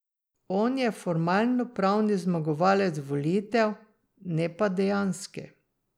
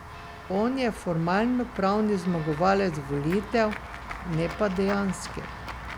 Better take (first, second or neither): first